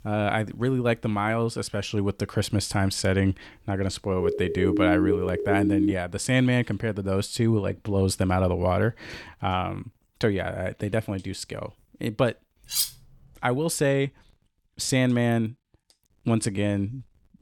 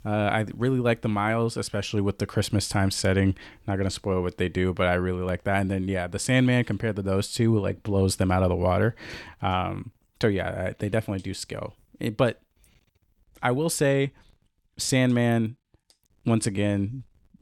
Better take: second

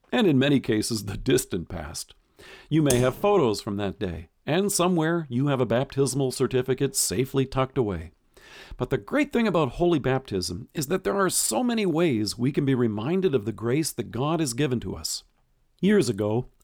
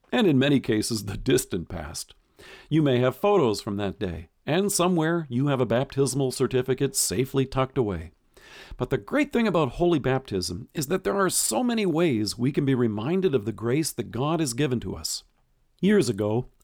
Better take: second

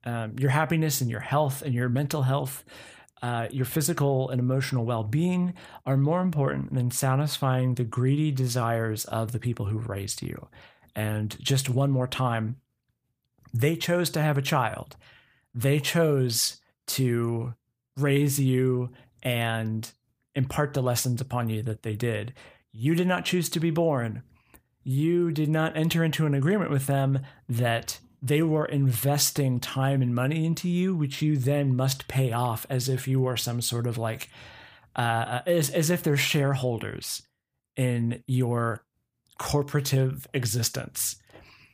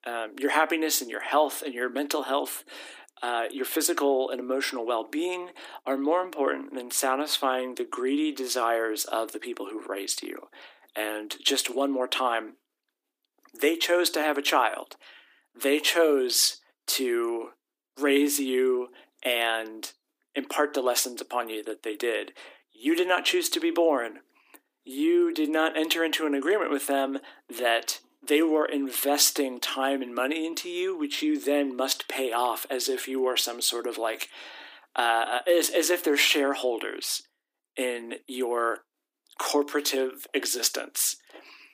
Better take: first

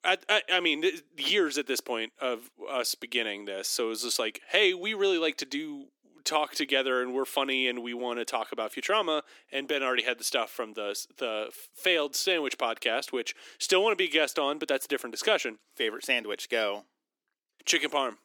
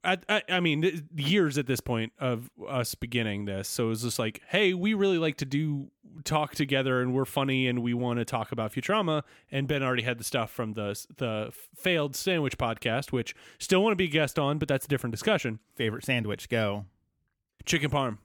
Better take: second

